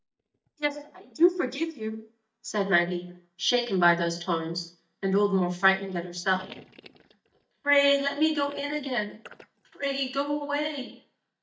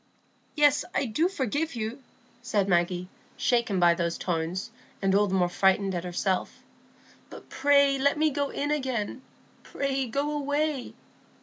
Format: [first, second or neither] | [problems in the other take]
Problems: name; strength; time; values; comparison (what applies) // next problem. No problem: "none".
second | noise reduction (neural mask model DeepFilterNet 3)